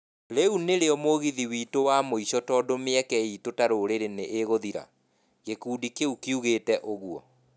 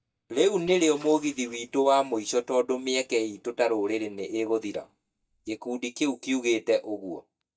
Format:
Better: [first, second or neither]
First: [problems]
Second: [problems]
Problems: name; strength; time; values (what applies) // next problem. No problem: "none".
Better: first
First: none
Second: noise reduction (neural mask model DeepFilterNet 3)